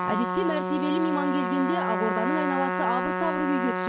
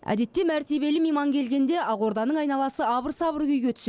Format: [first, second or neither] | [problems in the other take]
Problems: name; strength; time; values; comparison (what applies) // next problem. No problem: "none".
second | background sound (Trumpet); as loud as the speech